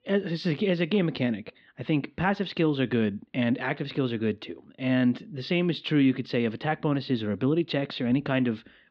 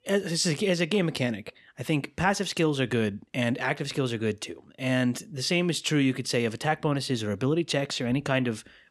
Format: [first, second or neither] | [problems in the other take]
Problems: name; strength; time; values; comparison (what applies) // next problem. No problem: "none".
second | muffled; slightly; fading above 4 kHz